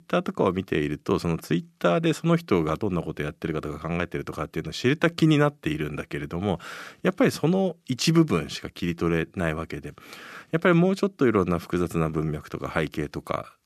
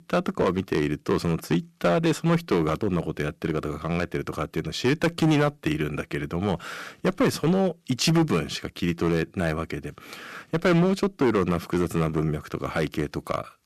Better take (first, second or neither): first